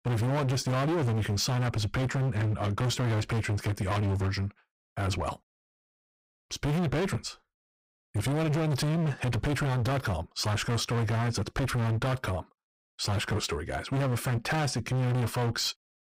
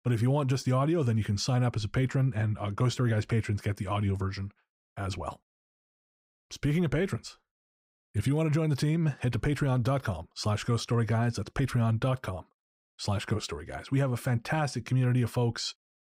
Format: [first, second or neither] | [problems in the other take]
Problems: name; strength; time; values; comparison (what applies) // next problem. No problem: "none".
second | distortion; heavy; 31% of the sound clipped